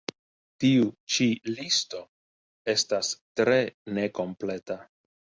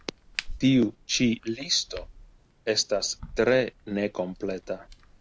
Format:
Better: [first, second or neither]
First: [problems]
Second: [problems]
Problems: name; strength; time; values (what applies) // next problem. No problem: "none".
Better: first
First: none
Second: background sound (Crack); 16 dB below the speech